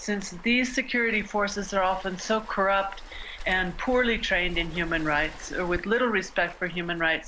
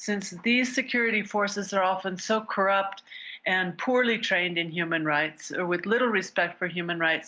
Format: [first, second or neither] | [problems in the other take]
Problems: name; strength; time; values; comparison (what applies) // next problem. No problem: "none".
second | background sound (Waves, surf); 13 dB below the speech